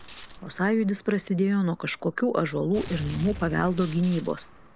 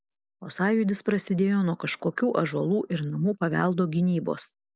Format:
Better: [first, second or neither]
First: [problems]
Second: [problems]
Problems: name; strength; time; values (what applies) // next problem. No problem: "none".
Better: second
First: background sound (Gunshot, gunfire); 16 dB below the speech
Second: none